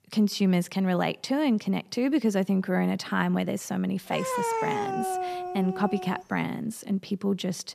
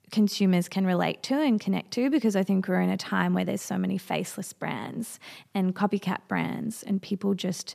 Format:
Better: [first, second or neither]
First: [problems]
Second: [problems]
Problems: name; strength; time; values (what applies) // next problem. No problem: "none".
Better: second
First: dog barking; loud; from 4 to 6 s; peak level with the speech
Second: none